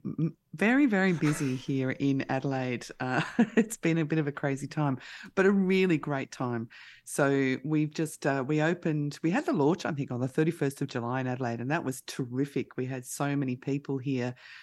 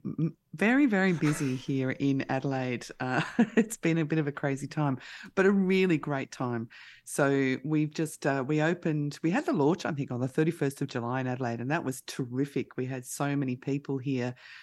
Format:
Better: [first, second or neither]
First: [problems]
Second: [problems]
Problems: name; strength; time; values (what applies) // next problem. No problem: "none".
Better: neither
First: none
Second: none